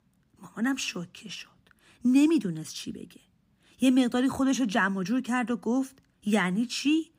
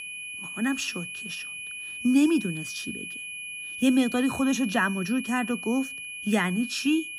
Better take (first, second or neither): first